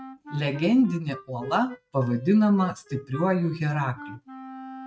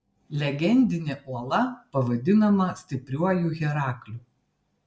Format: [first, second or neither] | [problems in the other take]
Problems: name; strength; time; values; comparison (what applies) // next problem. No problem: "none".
second | noise reduction (neural mask model RNNoise)